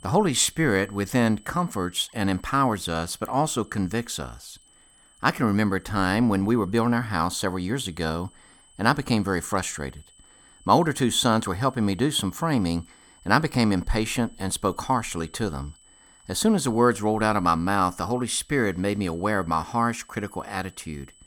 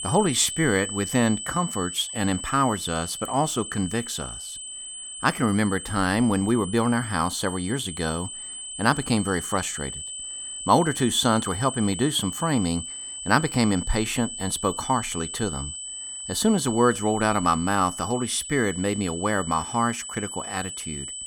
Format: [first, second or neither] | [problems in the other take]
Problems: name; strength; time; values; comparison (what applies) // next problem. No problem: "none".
first | high-pitched whine; loud; throughout; 8 kHz, 8 dB below the speech; faint in the first